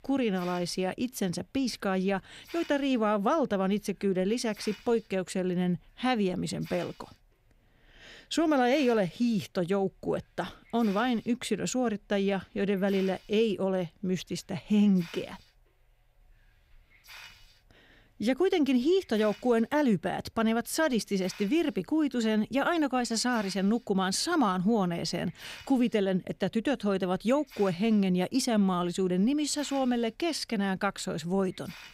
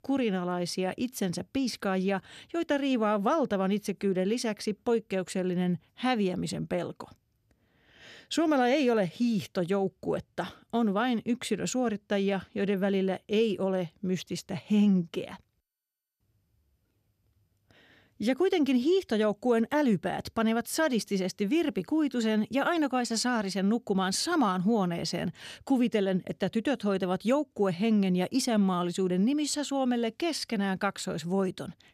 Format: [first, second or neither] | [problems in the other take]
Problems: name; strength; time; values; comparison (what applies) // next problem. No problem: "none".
second | hiss; faint; throughout; 20 dB below the speech